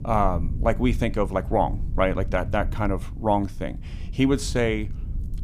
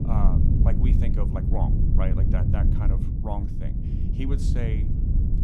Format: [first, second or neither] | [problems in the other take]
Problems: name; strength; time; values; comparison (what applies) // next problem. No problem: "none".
first | low rumble; loud; throughout; as loud as the speech; faint in the first